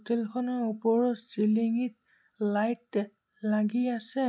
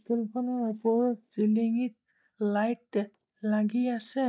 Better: first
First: none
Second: noise reduction (neural mask model DeepFilterNet 3)

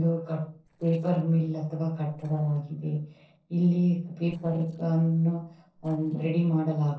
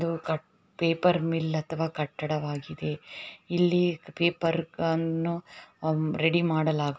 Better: second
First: noise reduction (neural separator model SepFormer DNS4)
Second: none

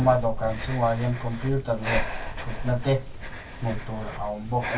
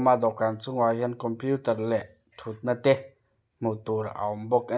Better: second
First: background sound (Breathing); 4 dB below the speech // room echo; dies away in 0.1 s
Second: none

